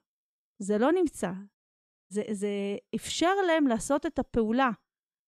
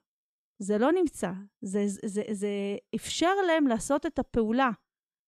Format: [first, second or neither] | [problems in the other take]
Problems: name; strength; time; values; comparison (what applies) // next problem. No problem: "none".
second | audio cutting out; at 1.5 s for 0.5 s